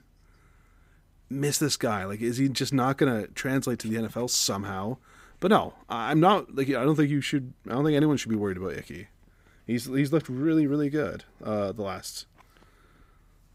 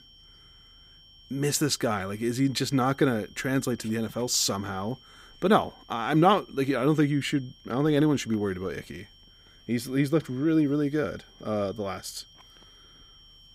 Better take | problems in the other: first | high-pitched whine; faint; throughout; 3 kHz, 25 dB below the speech

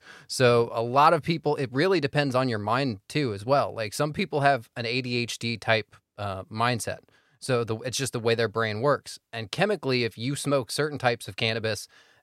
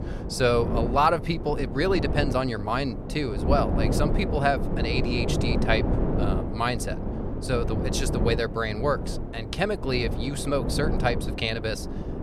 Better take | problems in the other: first | wind noise on the microphone; heavy; 8 dB below the speech

